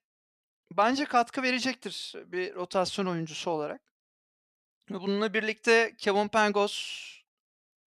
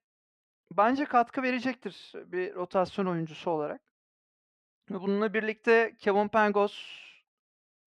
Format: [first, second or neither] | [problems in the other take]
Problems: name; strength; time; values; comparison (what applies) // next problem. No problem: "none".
first | muffled; slightly; fading above 3.5 kHz